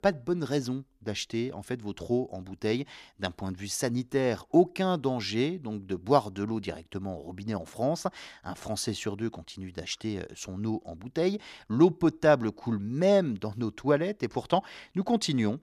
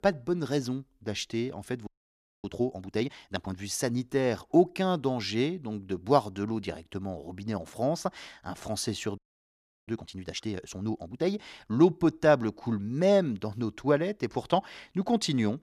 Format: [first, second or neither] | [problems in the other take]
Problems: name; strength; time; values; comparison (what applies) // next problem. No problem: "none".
first | audio freezing; at 2 s for 0.5 s and at 9 s for 0.5 s